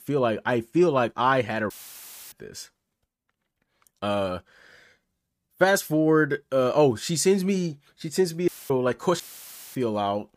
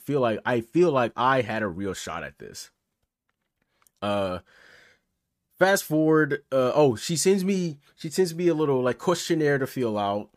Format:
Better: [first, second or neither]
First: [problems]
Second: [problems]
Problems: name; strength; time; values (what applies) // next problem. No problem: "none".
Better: second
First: audio cutting out; filled with static; at 1.5 s for 0.5 s, at 8.5 s and at 9 s for 0.5 s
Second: none